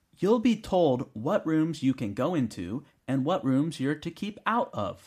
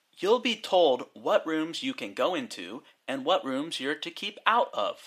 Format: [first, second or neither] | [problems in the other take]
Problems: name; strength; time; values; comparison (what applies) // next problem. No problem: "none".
first | thin; somewhat; fading below 500 Hz